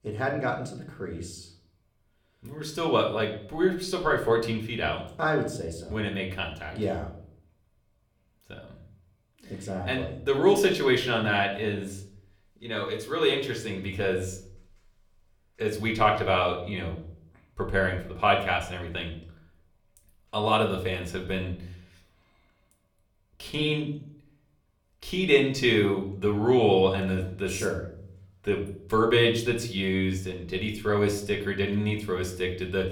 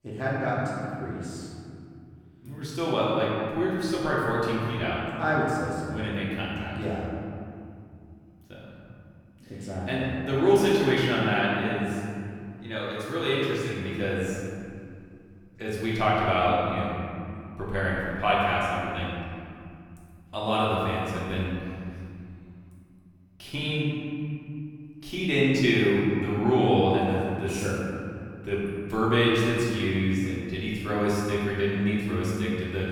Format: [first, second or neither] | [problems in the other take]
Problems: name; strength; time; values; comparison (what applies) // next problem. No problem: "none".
first | room echo; strong; dies away in 2.4 s; slight in the first // off-mic speech; far; somewhat distant in the first